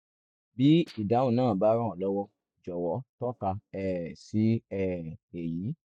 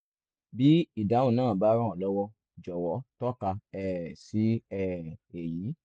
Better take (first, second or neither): second